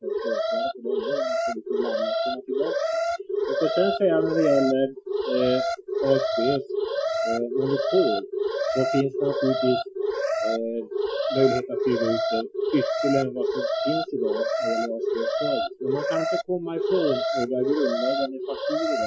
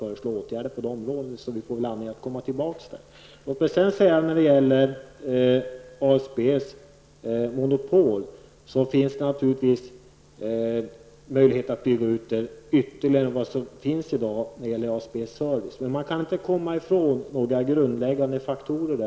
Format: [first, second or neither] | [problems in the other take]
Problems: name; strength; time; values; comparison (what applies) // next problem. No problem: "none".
second | noise reduction (classical method Wiener filter)